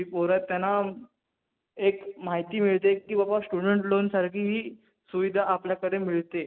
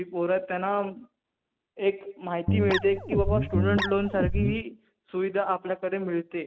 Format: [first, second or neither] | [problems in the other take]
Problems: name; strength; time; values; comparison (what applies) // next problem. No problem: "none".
first | background sound (Guitar); 2 dB above the speech